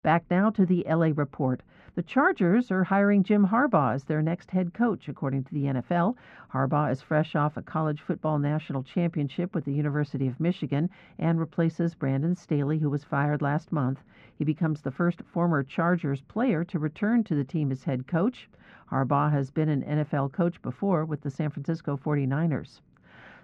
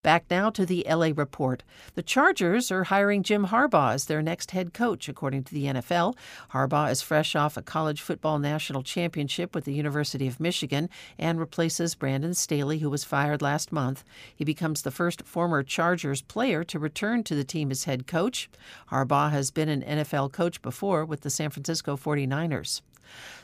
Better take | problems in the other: second | muffled; very; fading above 1.5 kHz

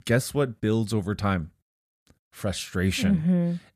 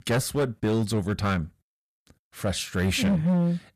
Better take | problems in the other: first | distortion; slight; 11% of the sound clipped

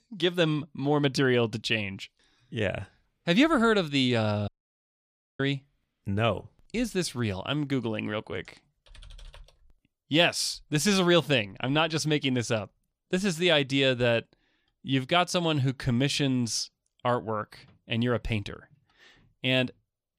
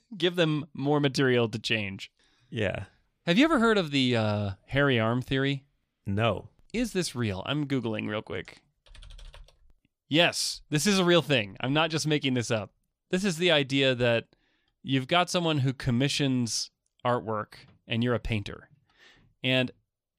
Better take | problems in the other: second | audio cutting out; at 4.5 s for 1 s

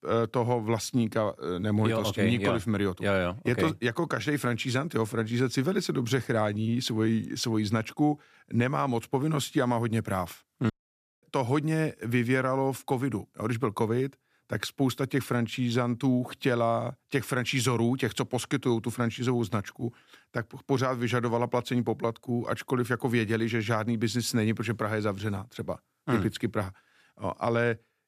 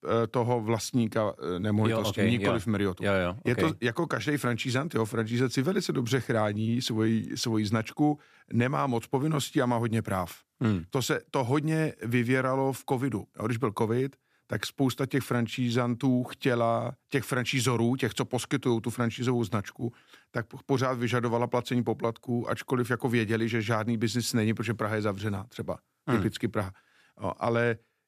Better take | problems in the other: second | audio cutting out; at 11 s for 0.5 s

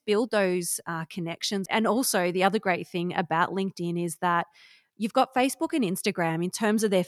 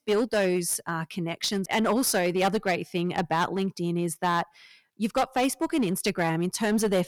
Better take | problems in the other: first | distortion; slight; 8% of the sound clipped

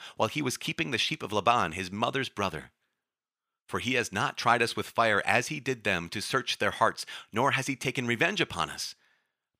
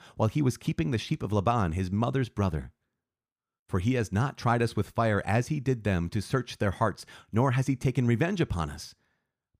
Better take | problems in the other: second | thin; somewhat; fading below 900 Hz

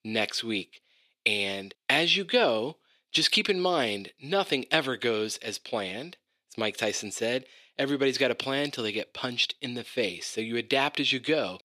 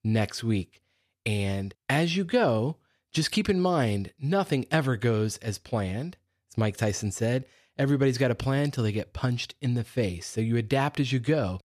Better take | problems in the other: second | thin; somewhat; fading below 350 Hz

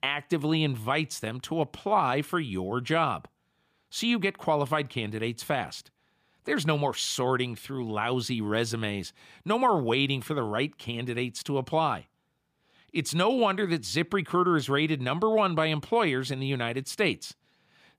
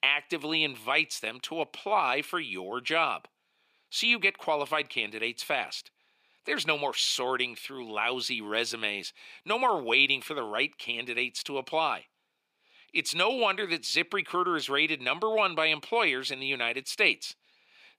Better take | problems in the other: first | thin; somewhat; fading below 400 Hz

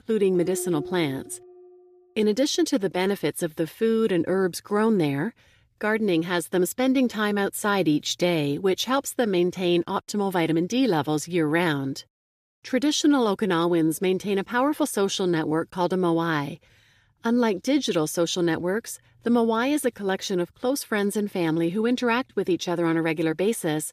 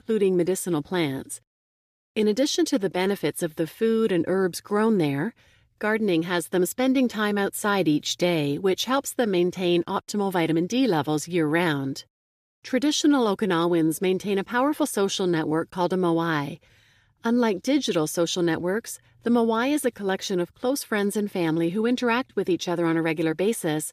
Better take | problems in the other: second | clattering dishes; noticeable; until 2 s; peak 9 dB below the speech

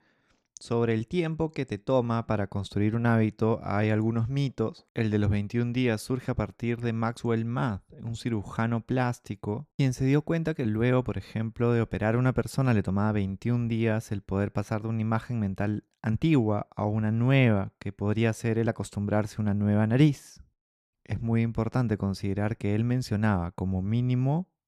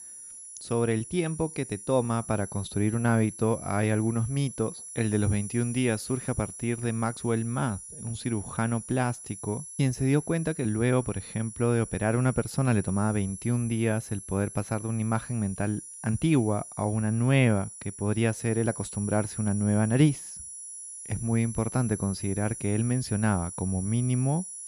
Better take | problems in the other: first | high-pitched whine; noticeable; throughout; 10.5 kHz, 10 dB below the speech

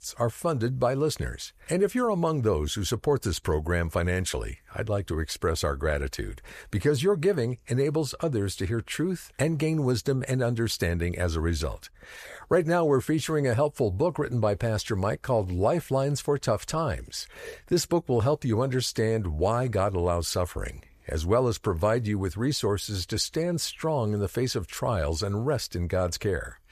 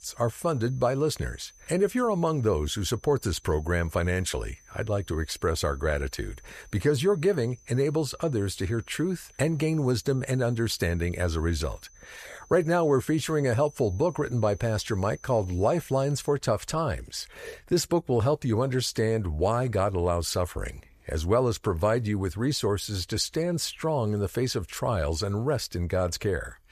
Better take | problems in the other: first | high-pitched whine; faint; until 16 s; 6 kHz, 25 dB below the speech

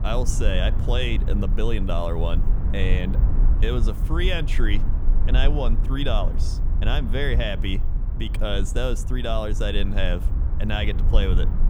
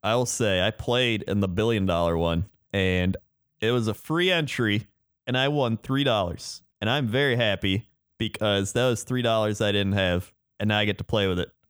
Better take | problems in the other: second | low rumble; noticeable; throughout; 10 dB below the speech

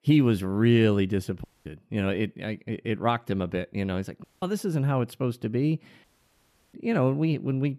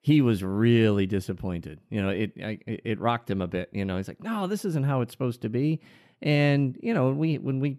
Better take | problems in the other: second | audio cutting out; at 1.5 s, at 4 s and at 6 s for 0.5 s

